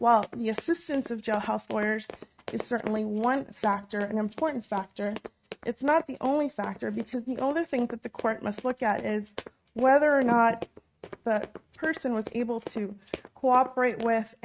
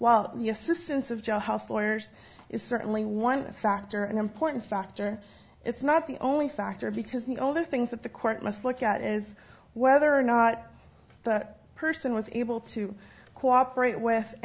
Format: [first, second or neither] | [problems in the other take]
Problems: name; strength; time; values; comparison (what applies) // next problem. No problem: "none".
second | noise reduction (neural mask model RNNoise)